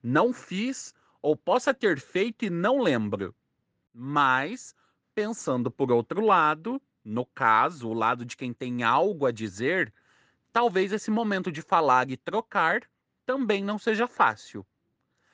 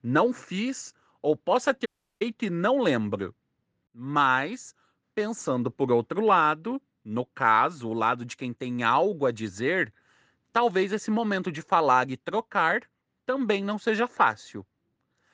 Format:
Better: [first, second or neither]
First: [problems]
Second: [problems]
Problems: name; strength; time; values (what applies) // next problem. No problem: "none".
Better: first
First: none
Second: audio cutting out; at 2 s